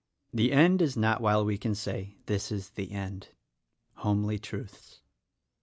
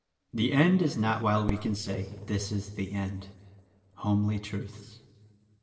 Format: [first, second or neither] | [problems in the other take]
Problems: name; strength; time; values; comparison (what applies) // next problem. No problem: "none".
first | noise reduction (neural separator model SepFormer DNS4)